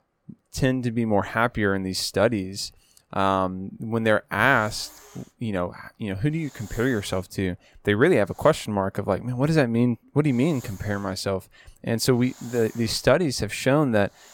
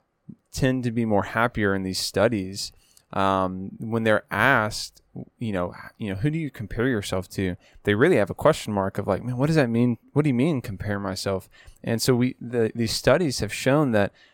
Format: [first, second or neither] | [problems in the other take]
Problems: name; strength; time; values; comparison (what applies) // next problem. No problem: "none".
second | hiss; faint; from 3.5 to 8.5 s and from 10 s on; 25 dB below the speech